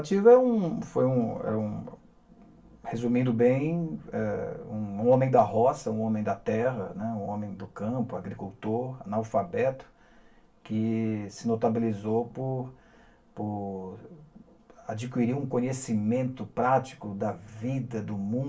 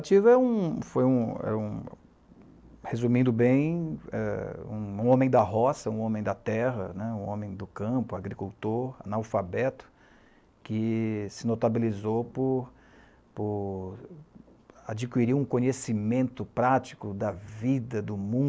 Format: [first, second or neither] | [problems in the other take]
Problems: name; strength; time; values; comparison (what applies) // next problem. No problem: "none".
second | room echo; dies away in 0.2 s